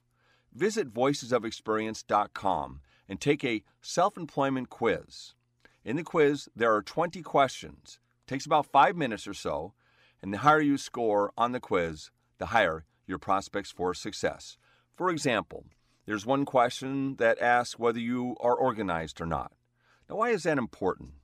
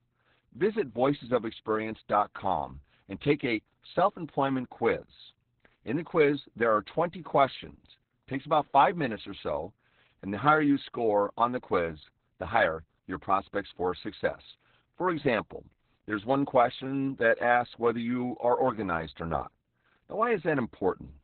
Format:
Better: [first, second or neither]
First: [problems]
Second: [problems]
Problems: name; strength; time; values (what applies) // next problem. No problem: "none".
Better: first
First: none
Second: garbled, watery; badly; nothing above 4 kHz